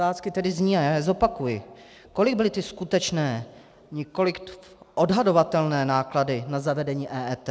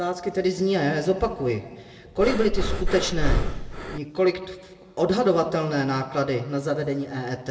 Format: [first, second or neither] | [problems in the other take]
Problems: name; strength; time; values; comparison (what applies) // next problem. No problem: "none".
first | background sound (Breathing); 1 dB above the speech // room echo; dies away in 1.4 s